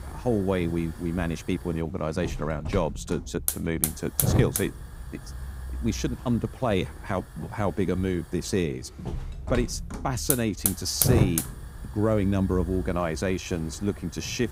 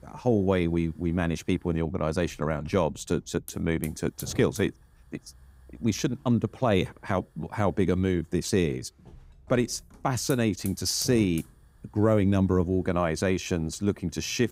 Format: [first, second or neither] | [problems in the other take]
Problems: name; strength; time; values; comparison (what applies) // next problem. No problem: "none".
second | hiss; loud; throughout; 2 dB below the speech; faint in the second